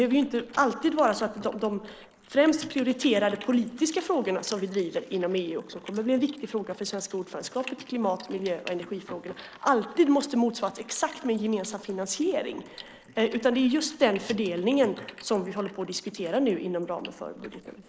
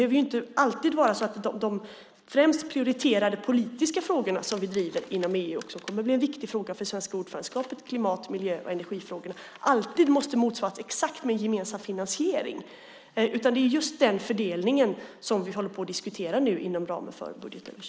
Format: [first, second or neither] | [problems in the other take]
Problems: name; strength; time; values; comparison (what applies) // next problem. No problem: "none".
second | noise reduction (neural mask model Resemble Enhance denoiser)